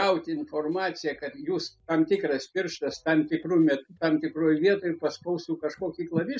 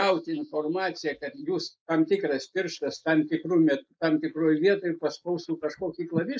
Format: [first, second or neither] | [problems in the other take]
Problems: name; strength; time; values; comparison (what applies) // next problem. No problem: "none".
first | noise reduction (neural mask model Resemble Enhance denoiser)